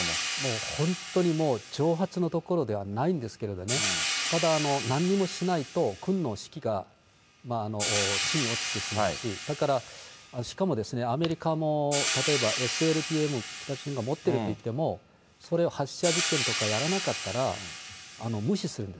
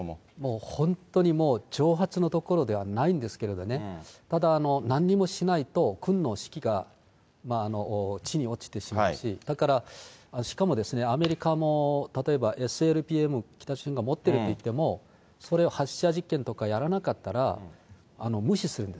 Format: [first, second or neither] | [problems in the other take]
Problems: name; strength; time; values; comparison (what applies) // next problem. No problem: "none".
second | background sound (Hi-hat); 5 dB below the speech